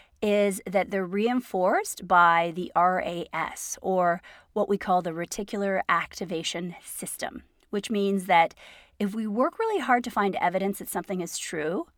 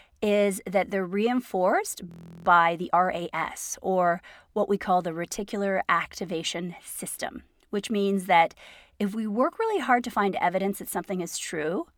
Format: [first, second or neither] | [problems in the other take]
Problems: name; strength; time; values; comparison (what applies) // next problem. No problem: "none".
first | audio freezing; at 2 s